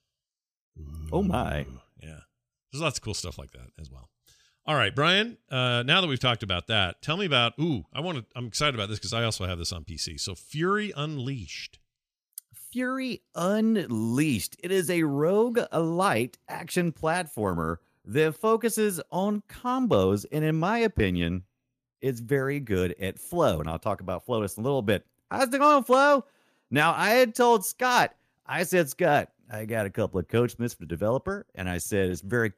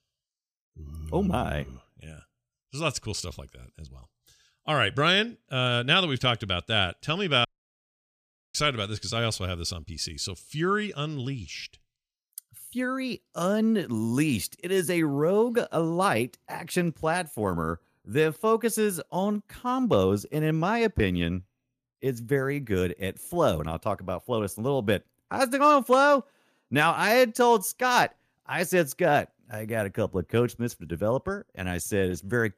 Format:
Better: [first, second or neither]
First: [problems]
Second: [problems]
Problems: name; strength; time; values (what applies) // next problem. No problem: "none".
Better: first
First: none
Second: audio cutting out; at 7.5 s for 1 s